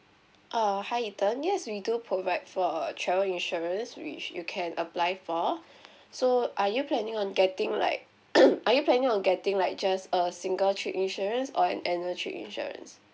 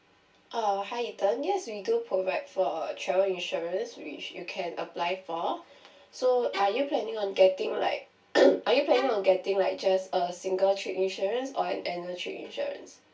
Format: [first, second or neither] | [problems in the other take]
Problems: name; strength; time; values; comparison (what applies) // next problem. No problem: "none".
first | background sound (Bowed string instrument); 14 dB below the speech // room echo; dies away in 0.2 s